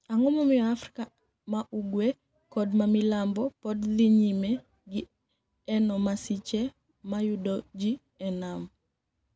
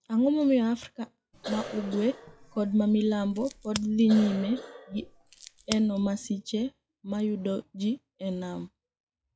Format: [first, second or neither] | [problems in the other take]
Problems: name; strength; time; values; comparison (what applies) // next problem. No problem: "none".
first | noise reduction (classical method log-MMSE)